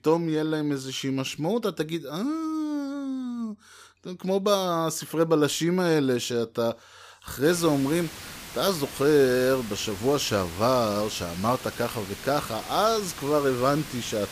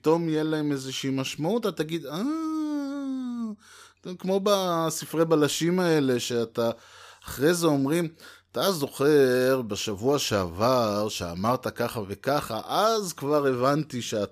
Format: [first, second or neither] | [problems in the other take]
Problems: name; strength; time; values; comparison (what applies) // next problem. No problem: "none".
second | hiss; noticeable; from 7.5 s on; 15 dB below the speech